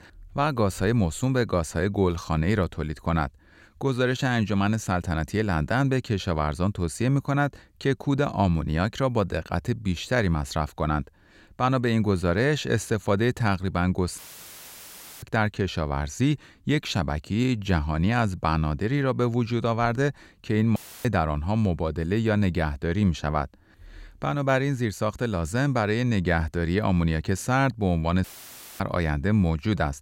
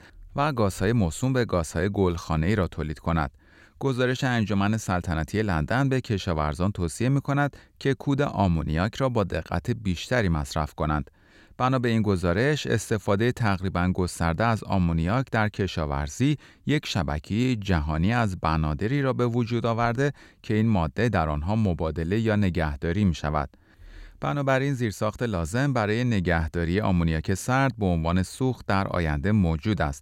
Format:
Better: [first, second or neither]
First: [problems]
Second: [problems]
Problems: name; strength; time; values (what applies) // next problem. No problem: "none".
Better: second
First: audio cutting out; filled with static; at 14 s for 1 s, at 21 s and at 28 s for 0.5 s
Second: none